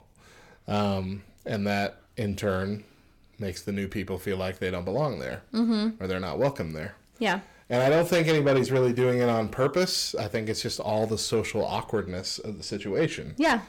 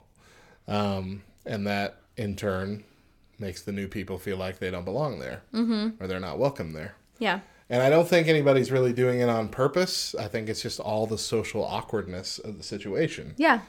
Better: second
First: distortion; slight; 10 dB below the speech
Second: none

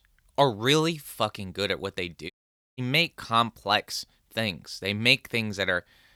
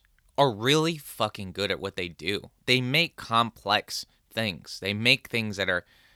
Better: second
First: audio cutting out; at 2.5 s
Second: none

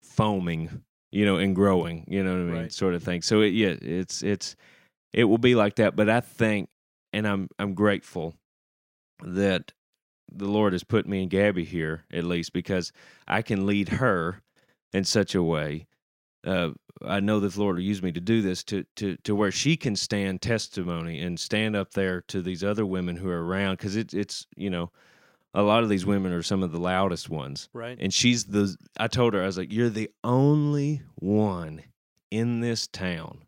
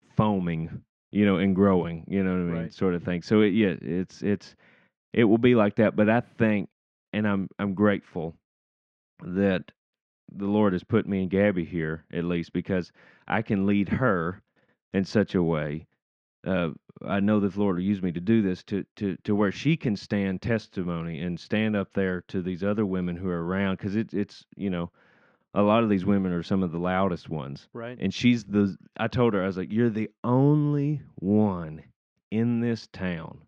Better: first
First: none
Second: muffled; slightly; fading above 2.5 kHz

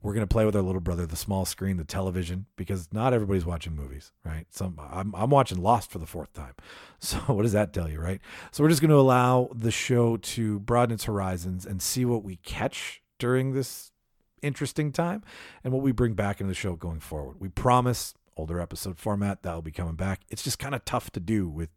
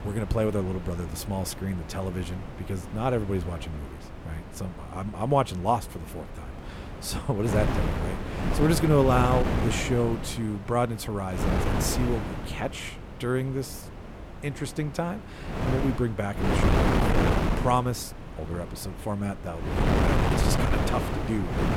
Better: first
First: none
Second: wind noise on the microphone; heavy; 2 dB below the speech

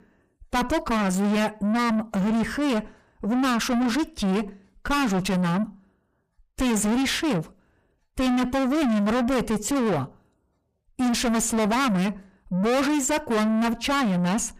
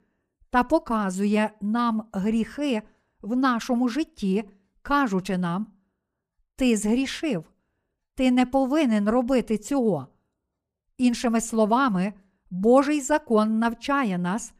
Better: second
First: distortion; heavy; 5 dB below the speech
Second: none

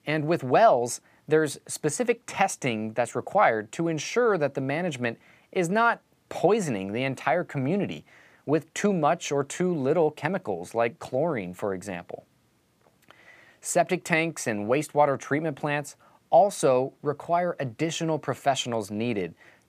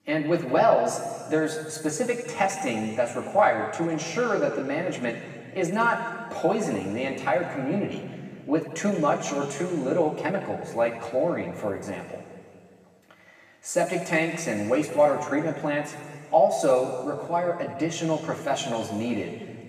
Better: first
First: none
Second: room echo; noticeable; dies away in 1.9 s // off-mic speech; far

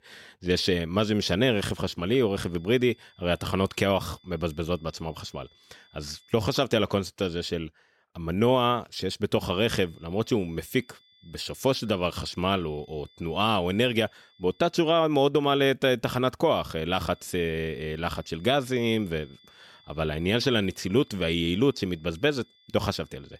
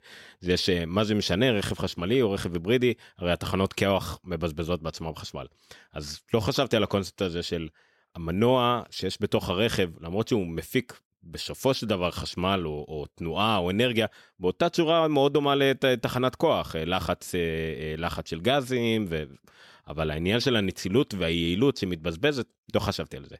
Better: second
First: high-pitched whine; faint; from 2 to 6.5 s, from 9.5 to 15 s and from 17 s on; 3.5 kHz, 30 dB below the speech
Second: none

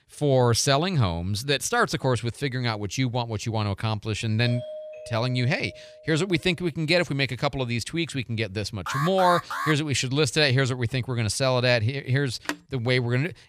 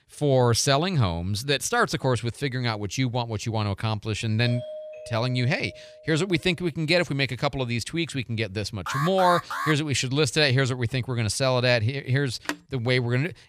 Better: neither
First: doorbell; faint; from 4.5 to 6 s; peak 10 dB below the speech // alarm; noticeable; at 9 s; peak 4 dB below the speech // phone ringing; noticeable; at 12 s; peak 9 dB below the speech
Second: doorbell; faint; from 4.5 to 6 s; peak 10 dB below the speech // alarm; noticeable; at 9 s; peak 4 dB below the speech // phone ringing; noticeable; at 12 s; peak 9 dB below the speech

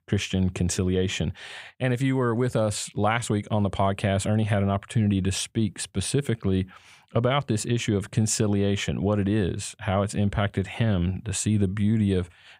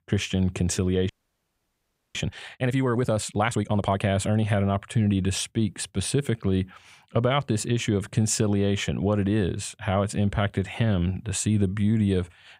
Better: first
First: none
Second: audio freezing; at 1 s for 1 s

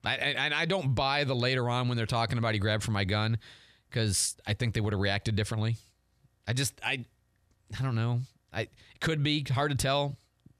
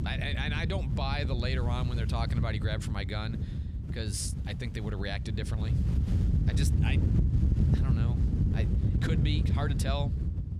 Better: first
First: none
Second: wind noise on the microphone; heavy; 5 dB below the speech

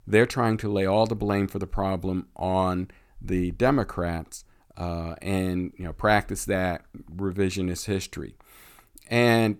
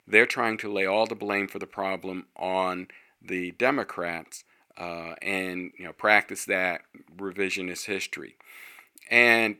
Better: first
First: none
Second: thin; somewhat; fading below 300 Hz

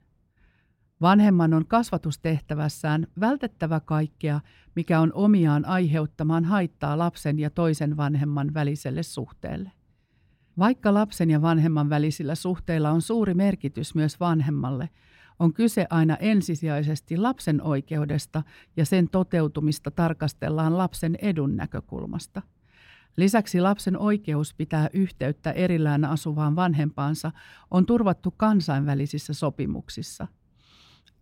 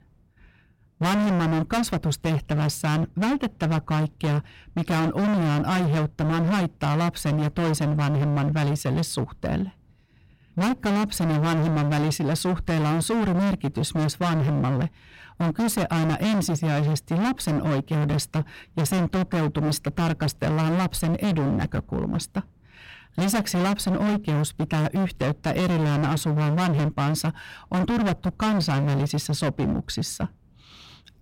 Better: first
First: none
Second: distortion; heavy; 34% of the sound clipped

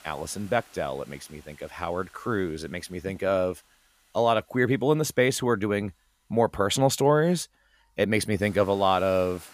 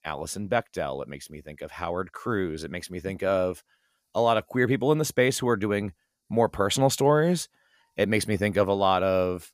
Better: second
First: hiss; faint; throughout; 30 dB below the speech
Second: none

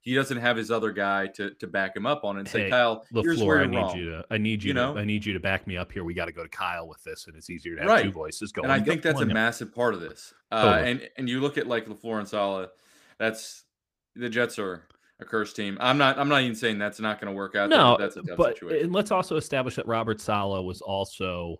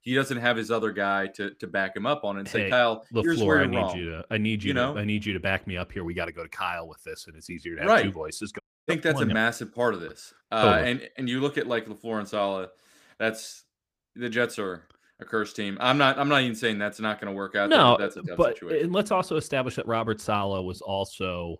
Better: first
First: none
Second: audio cutting out; at 8.5 s

